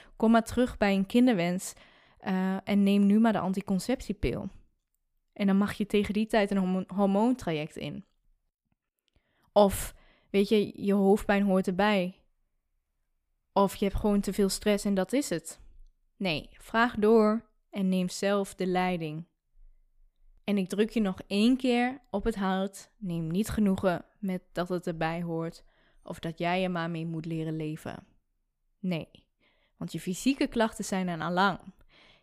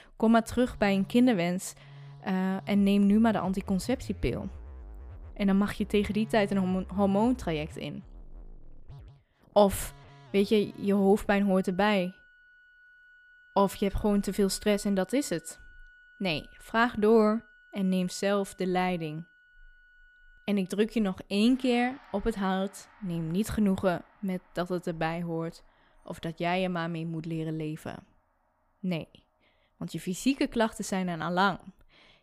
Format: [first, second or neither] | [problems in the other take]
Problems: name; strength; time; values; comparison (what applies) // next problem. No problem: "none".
first | background music; faint; throughout; 25 dB below the speech